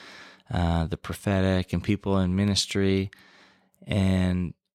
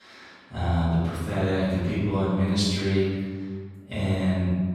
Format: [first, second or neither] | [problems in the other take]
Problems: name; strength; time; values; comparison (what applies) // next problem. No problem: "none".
first | room echo; strong; dies away in 1.5 s // off-mic speech; far